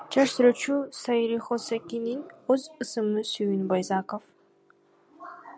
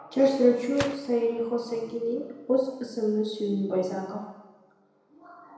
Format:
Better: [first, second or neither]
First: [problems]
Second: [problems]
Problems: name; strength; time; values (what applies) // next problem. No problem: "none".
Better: first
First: none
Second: background sound (Gunshot, gunfire); 17 dB below the speech // room echo; dies away in 1 s